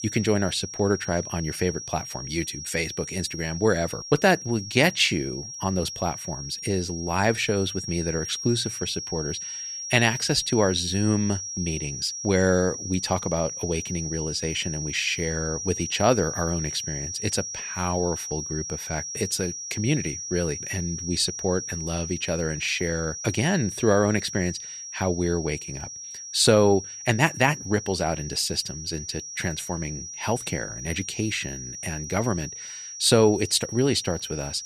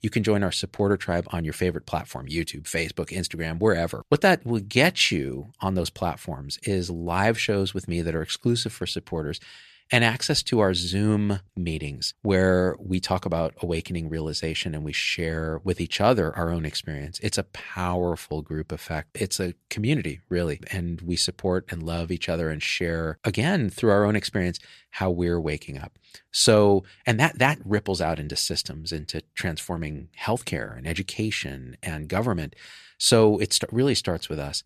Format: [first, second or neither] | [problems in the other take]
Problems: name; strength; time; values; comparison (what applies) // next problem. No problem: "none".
second | high-pitched whine; loud; throughout; 5.5 kHz, 7 dB below the speech